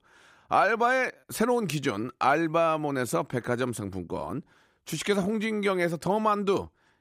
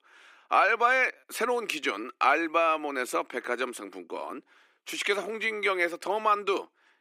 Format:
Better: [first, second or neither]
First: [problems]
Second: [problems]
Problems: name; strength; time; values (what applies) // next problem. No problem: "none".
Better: first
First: none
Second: thin; somewhat; fading below 300 Hz